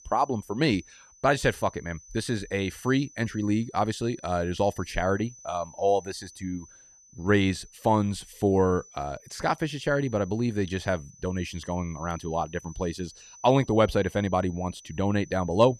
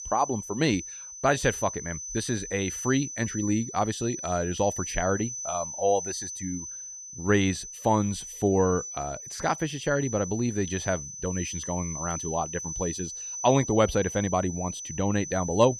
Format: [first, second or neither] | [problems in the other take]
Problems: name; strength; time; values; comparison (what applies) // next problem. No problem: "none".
first | high-pitched whine; loud; throughout; 6 kHz, 7 dB below the speech; faint in the first